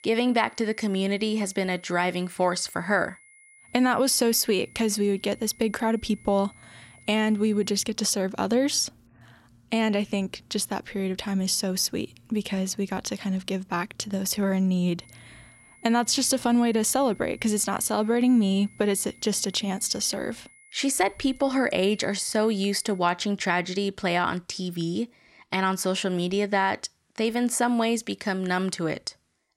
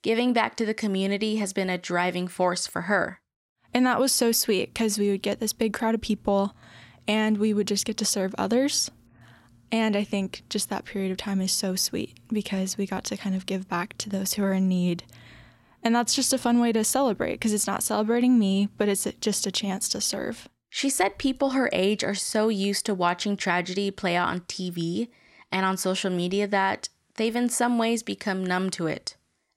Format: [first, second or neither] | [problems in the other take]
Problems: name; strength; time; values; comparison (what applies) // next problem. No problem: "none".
second | high-pitched whine; faint; until 8 s and from 15 to 23 s; 2 kHz, 25 dB below the speech